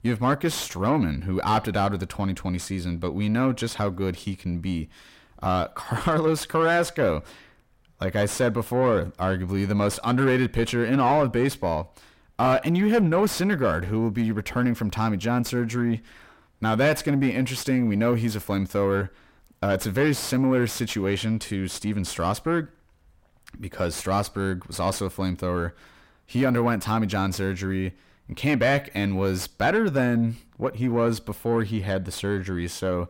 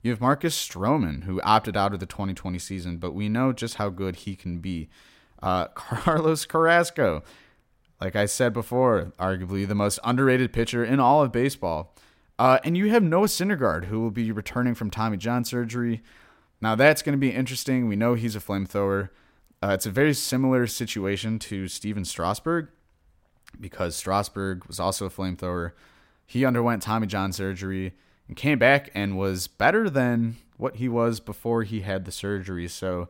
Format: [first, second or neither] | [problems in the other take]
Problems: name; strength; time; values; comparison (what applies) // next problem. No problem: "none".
second | distortion; slight; 10 dB below the speech